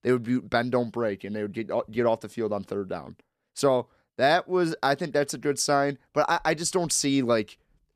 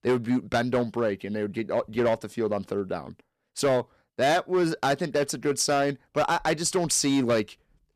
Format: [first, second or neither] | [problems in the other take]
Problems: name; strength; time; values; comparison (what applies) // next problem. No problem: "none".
first | distortion; slight; 7% of the sound clipped